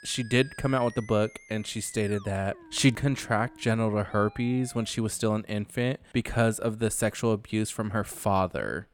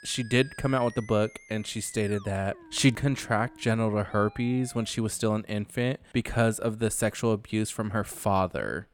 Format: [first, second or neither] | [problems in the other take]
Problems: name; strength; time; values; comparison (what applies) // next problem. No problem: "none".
neither | background music; faint; until 6 s; 20 dB below the speech; the same in both